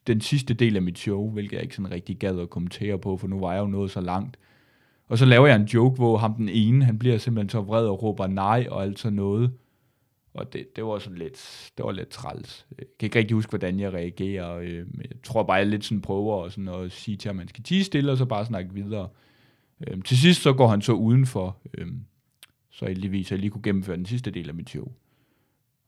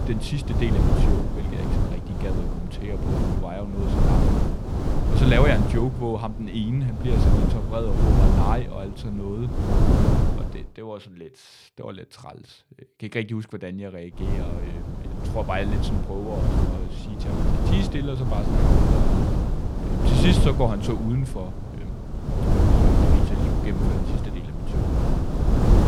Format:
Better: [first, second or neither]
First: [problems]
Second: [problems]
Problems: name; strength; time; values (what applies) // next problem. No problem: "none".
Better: first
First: none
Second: wind noise on the microphone; heavy; until 11 s and from 14 s on; as loud as the speech